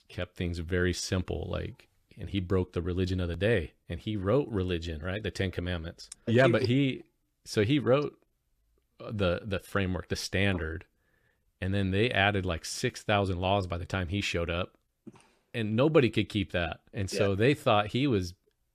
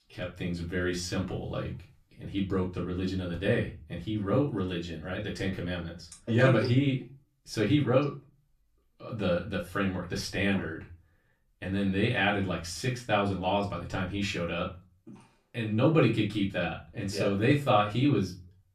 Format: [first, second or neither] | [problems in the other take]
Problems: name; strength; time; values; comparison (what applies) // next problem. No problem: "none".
first | off-mic speech; far // room echo; very slight; dies away in 0.3 s